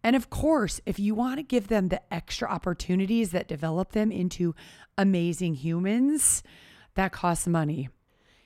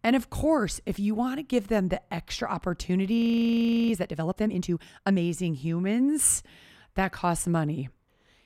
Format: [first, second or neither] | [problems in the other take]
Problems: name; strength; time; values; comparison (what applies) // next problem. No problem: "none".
first | audio freezing; at 3 s for 0.5 s